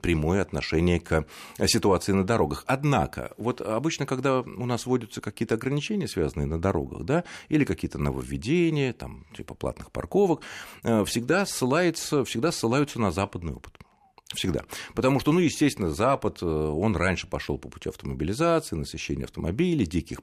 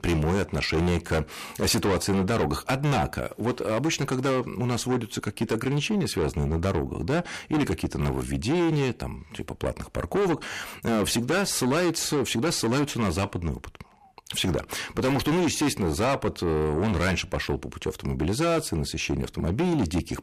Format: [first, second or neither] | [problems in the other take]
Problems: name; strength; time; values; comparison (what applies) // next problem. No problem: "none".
first | distortion; heavy; 7 dB below the speech